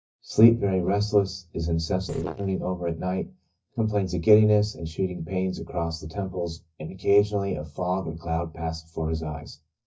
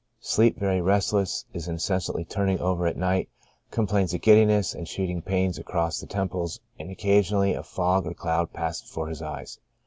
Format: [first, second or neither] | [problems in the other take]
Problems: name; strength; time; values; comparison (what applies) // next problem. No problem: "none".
second | noise reduction (neural mask model DeepFilterNet 3)